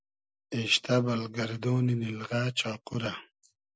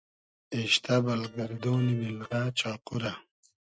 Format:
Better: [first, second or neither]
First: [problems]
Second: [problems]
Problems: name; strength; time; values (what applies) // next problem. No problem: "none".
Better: first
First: none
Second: noise reduction (neural mask model RNNoise)